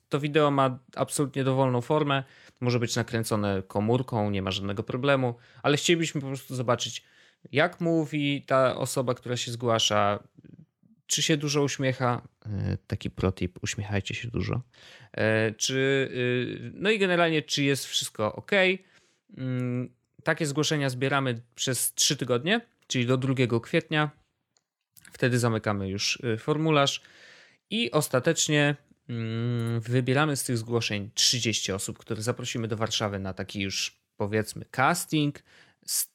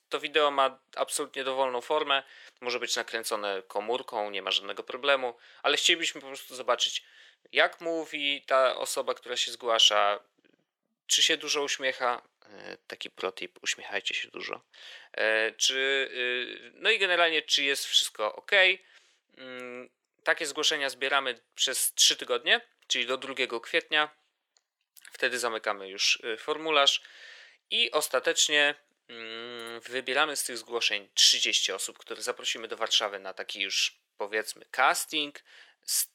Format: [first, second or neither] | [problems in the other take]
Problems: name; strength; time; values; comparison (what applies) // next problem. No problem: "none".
first | thin; very; fading below 500 Hz